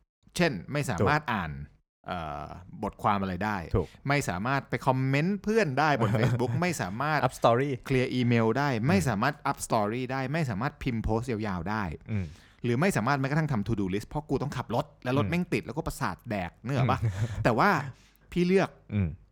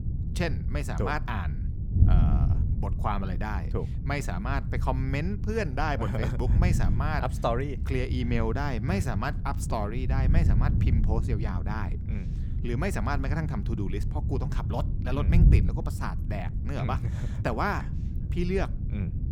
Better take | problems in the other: first | wind noise on the microphone; heavy; 9 dB below the speech

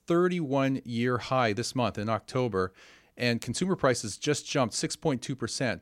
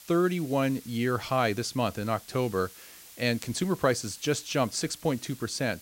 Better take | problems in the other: first | hiss; noticeable; throughout; 20 dB below the speech

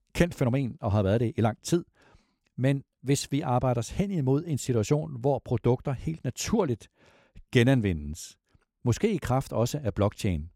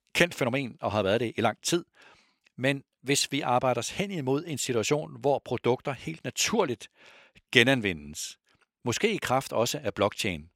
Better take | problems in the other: first | thin; somewhat; fading below 550 Hz

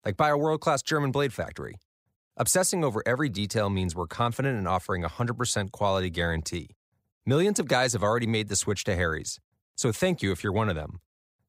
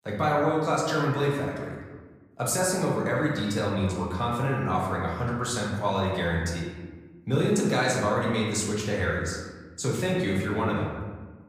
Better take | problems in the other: first | room echo; noticeable; dies away in 1.3 s // off-mic speech; far

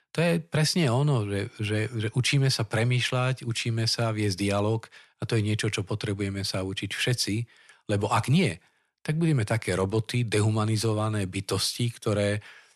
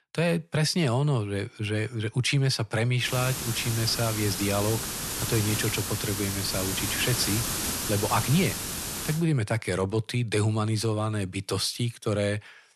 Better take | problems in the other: first | hiss; loud; from 3 to 9 s; 2 dB below the speech

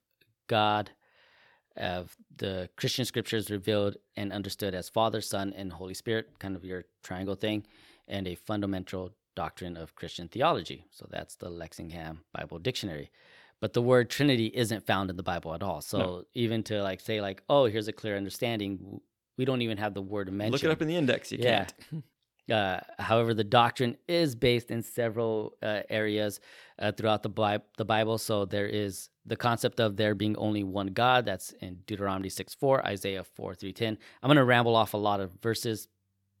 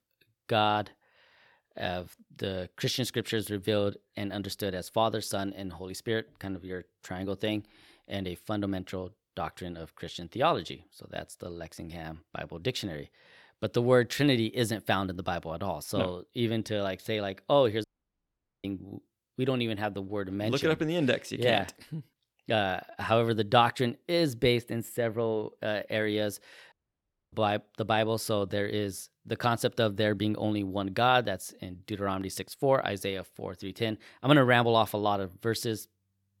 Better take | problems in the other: first | audio cutting out; at 18 s for 1 s and at 27 s for 0.5 s

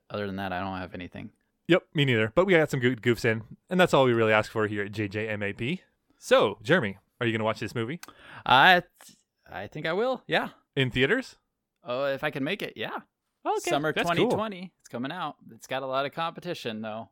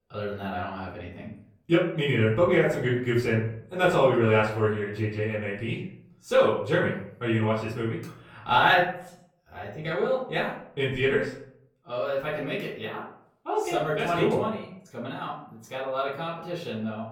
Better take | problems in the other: first | off-mic speech; far // room echo; noticeable; dies away in 0.5 s

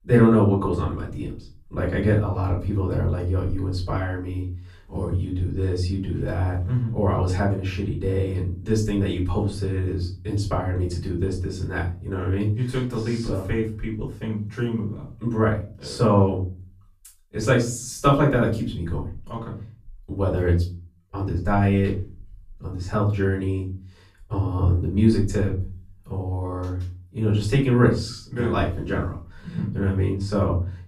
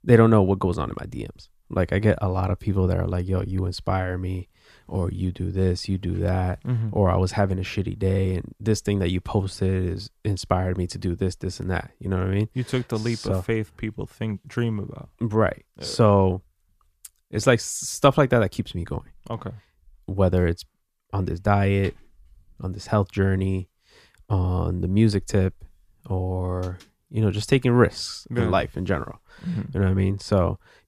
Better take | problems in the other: second | off-mic speech; far // room echo; slight; dies away in 0.4 s

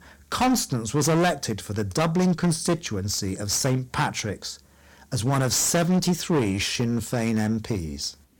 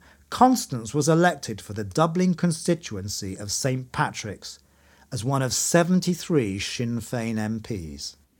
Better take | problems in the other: second | distortion; heavy; 15% of the sound clipped

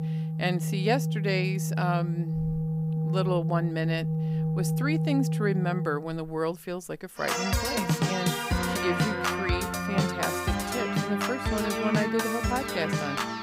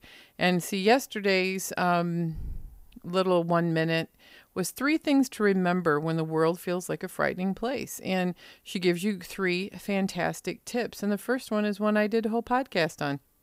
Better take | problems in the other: second | background music; very loud; throughout; 3 dB above the speech

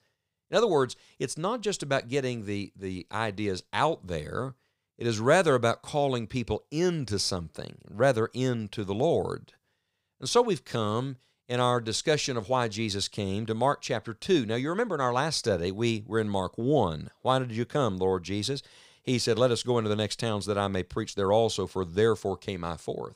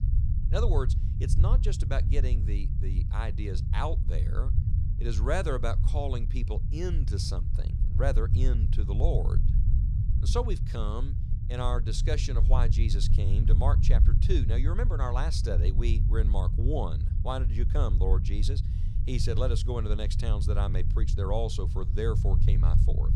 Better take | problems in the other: first | low rumble; loud; throughout; 8 dB below the speech

